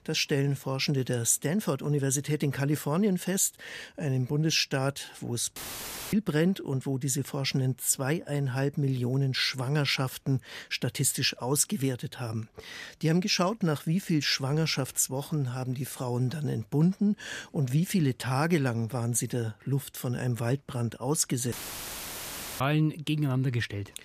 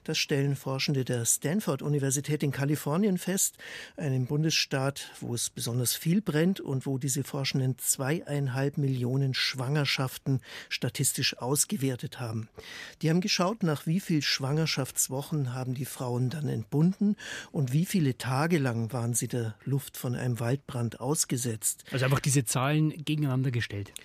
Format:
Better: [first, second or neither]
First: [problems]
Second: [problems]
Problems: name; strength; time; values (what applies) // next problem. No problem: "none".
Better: second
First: audio cutting out; filled with static; at 5.5 s for 0.5 s and at 22 s for 1 s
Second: none